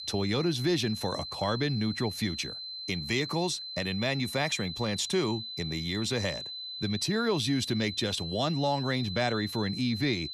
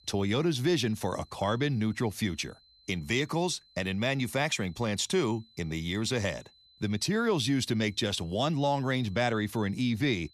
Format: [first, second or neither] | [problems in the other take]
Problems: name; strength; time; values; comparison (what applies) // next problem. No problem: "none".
second | high-pitched whine; loud; throughout; 4 kHz, 7 dB below the speech; faint in the second